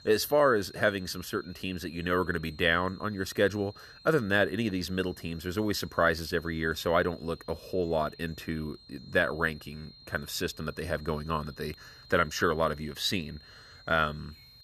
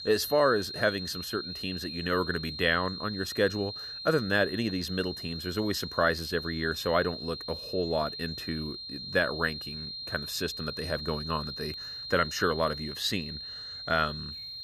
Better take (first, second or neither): first